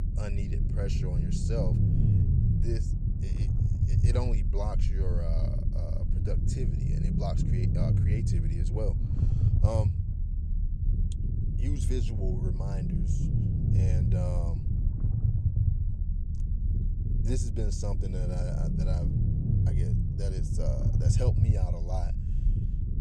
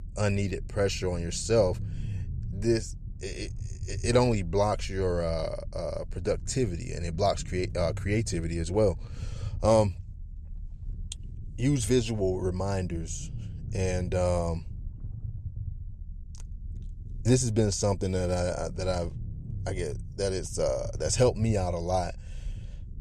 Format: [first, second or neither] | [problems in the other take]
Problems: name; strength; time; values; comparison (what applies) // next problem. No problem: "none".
second | low rumble; loud; throughout; 1 dB below the speech; faint in the second